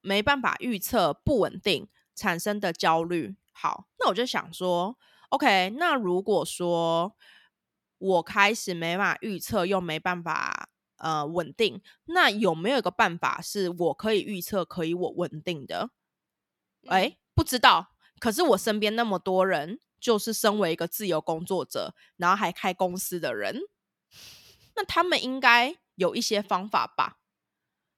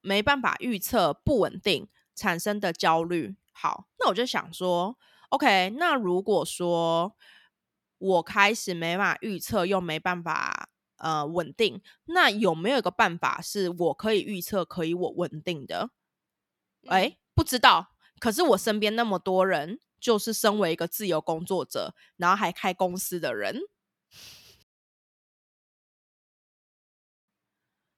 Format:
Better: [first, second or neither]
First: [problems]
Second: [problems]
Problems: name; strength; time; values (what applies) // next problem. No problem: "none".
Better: first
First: none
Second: audio cutting out; at 25 s for 2.5 s